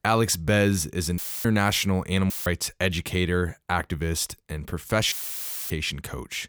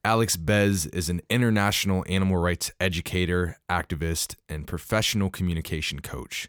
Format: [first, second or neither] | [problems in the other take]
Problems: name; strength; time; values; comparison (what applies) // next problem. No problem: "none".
second | audio cutting out; filled with static; at 1 s, at 2.5 s and at 5 s for 0.5 s